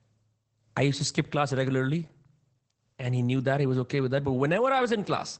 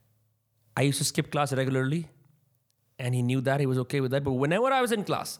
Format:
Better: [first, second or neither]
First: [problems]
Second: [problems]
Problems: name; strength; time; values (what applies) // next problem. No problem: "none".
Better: second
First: garbled, watery; badly; nothing above 8 kHz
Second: none